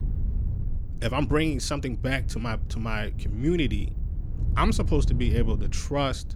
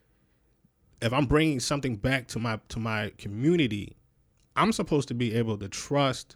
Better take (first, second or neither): second